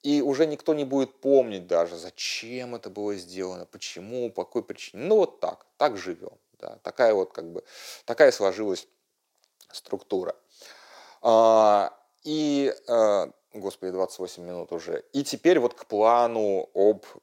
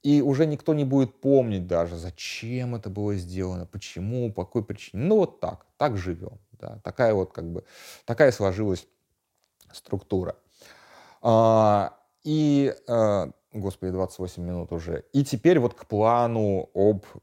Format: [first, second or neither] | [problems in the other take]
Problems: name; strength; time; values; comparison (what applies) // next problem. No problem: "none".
second | thin; somewhat; fading below 400 Hz